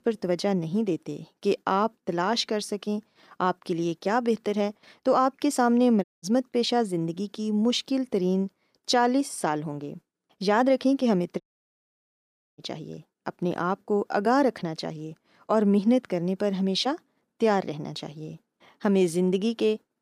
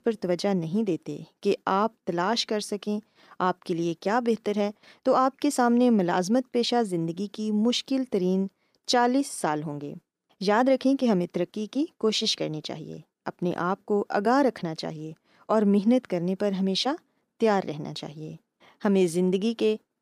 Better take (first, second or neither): second